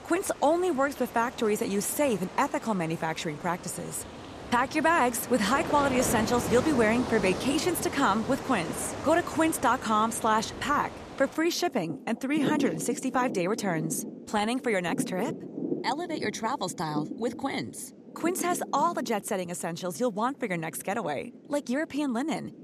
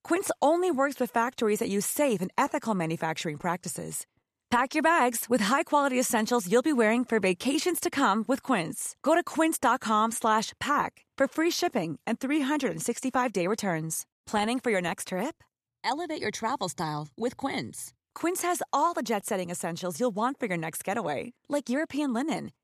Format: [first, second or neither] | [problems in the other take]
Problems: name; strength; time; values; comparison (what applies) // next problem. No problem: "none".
second | rain or running water; loud; throughout; 9 dB below the speech